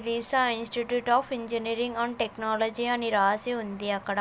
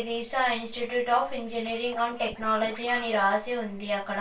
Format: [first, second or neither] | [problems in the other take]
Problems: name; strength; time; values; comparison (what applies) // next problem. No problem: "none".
first | noise reduction (neural separator model SepFormer DNS4)